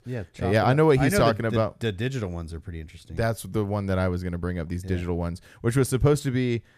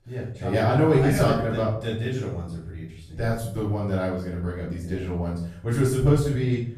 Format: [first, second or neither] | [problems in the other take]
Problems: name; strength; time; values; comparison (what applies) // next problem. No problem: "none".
first | off-mic speech; far // room echo; noticeable; dies away in 0.6 s